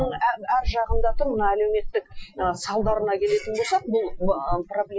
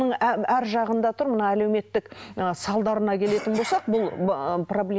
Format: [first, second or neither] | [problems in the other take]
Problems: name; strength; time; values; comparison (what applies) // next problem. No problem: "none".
second | noise reduction (classical method Wiener filter)